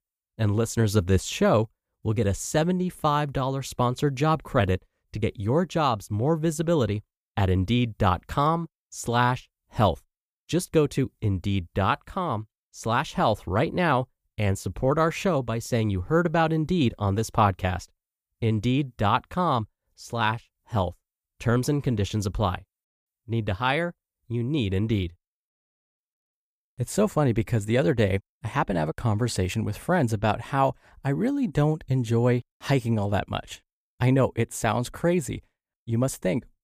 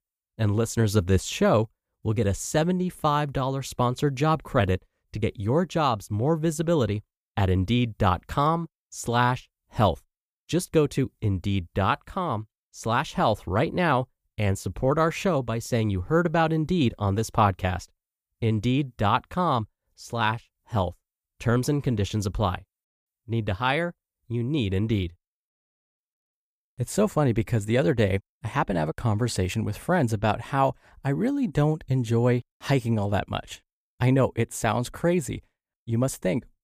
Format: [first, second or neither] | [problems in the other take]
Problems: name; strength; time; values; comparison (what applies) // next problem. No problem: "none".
neither | none